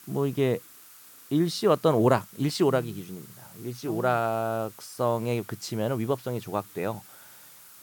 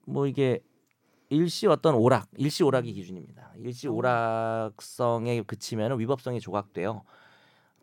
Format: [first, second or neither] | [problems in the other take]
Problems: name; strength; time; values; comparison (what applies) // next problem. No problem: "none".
second | hiss; faint; throughout; 20 dB below the speech